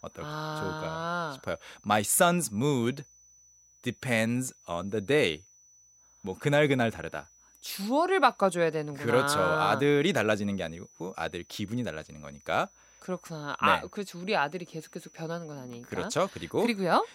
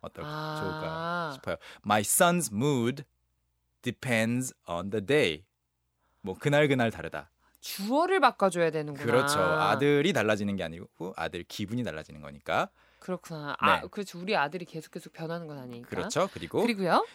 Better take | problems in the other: second | high-pitched whine; faint; throughout; 6 kHz, 30 dB below the speech

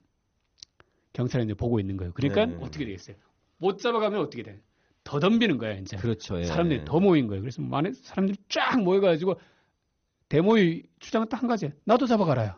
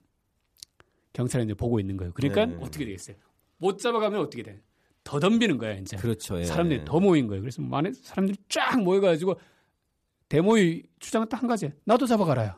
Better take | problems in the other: second | garbled, watery; slightly; nothing above 6.5 kHz

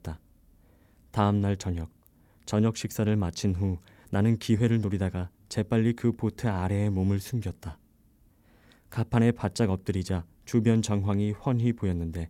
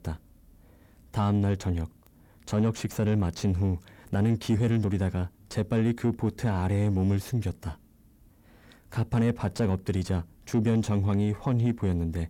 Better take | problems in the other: first | distortion; slight; 10 dB below the speech

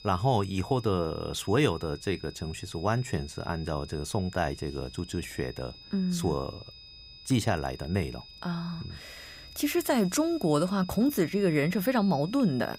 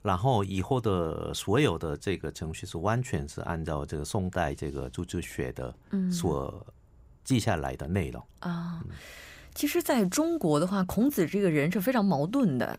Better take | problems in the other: second | high-pitched whine; noticeable; throughout; 5 kHz, 20 dB below the speech

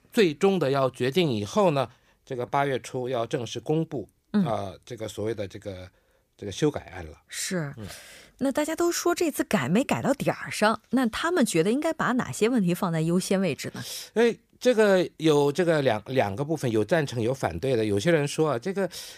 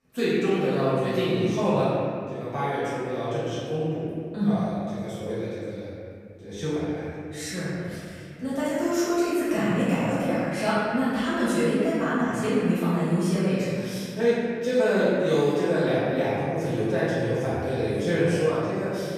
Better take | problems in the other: first | off-mic speech; far // room echo; strong; dies away in 2.3 s

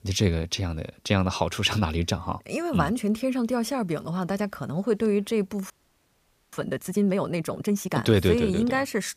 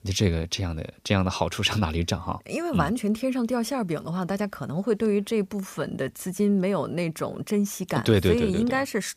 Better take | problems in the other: second | audio freezing; at 5.5 s for 1 s

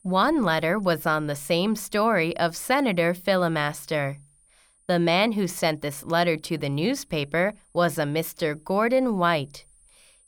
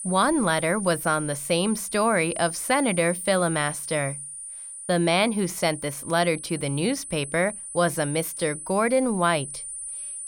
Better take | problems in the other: first | high-pitched whine; loud; throughout; 9.5 kHz, 9 dB below the speech; faint in the first

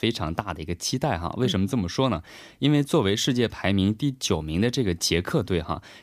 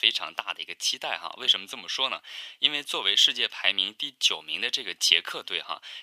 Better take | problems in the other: first | thin; very; fading below 900 Hz

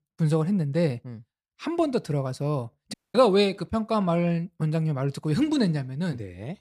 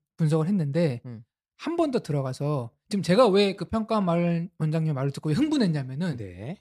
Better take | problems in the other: second | audio cutting out; at 3 s

